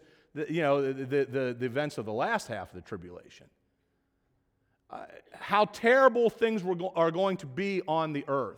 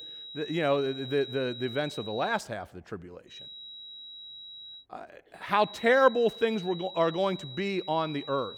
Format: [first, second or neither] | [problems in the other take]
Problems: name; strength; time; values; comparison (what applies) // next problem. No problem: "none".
first | high-pitched whine; noticeable; until 2.5 s, from 3.5 to 5 s and from 5.5 s on; 4 kHz, 15 dB below the speech